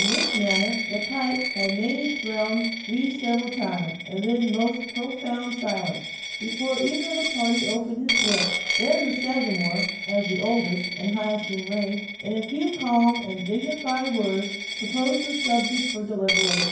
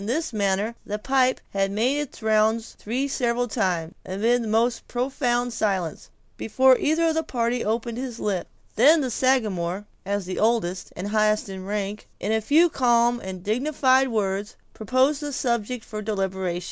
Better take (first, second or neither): second